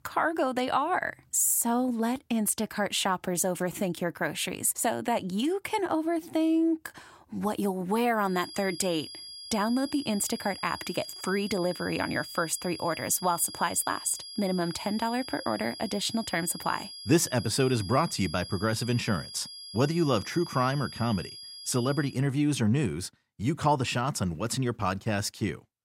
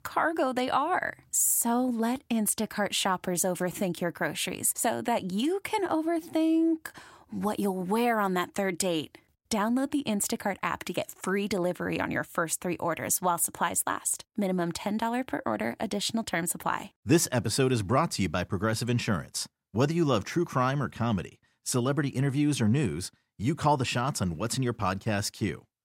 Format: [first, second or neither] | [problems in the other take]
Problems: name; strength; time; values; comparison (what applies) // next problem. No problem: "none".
second | high-pitched whine; noticeable; from 8.5 to 22 s; 5 kHz, 10 dB below the speech